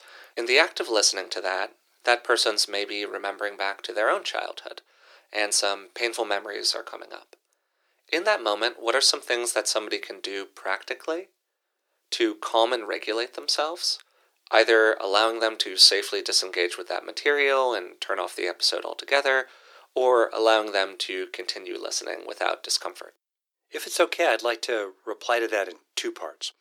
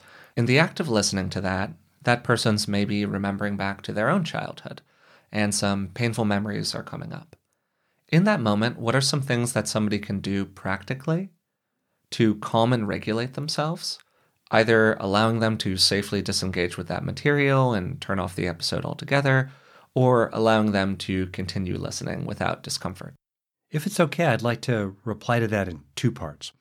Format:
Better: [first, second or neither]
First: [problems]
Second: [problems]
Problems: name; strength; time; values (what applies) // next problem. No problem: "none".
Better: second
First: thin; very; fading below 350 Hz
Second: none